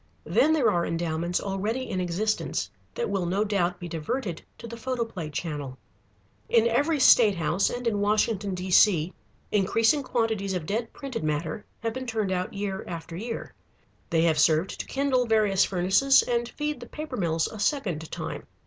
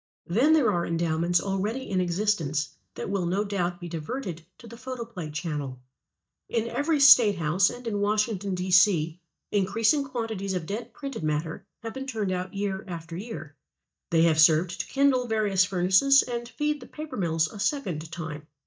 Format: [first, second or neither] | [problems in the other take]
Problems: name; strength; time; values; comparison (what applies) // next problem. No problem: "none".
first | noise reduction (neural mask model DeepFilterNet 3)